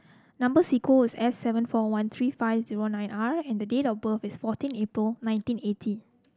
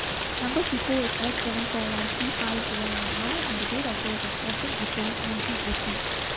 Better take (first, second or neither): first